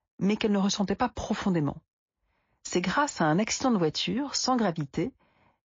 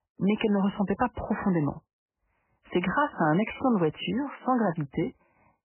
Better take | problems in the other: first | garbled, watery; badly; nothing above 3 kHz; slightly in the first

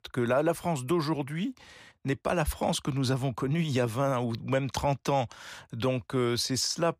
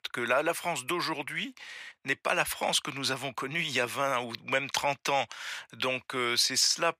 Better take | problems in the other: first | thin; somewhat; fading below 1 kHz

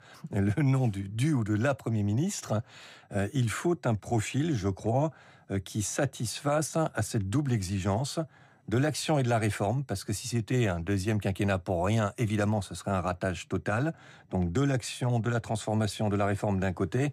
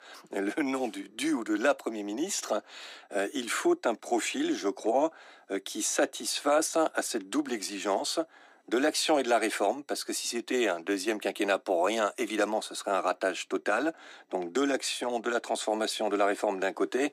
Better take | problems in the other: first | thin; somewhat; fading below 300 Hz

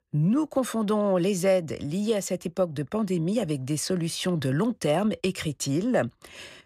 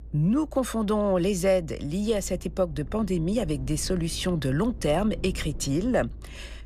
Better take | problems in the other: first | low rumble; faint; throughout; 25 dB below the speech

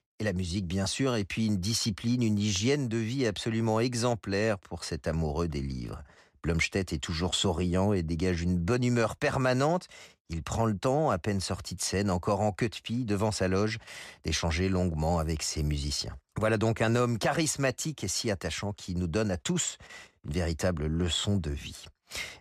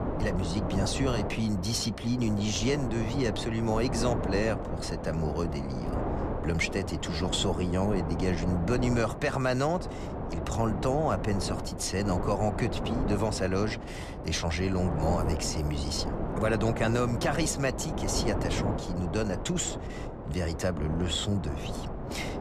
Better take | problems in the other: first | wind noise on the microphone; heavy; 5 dB below the speech

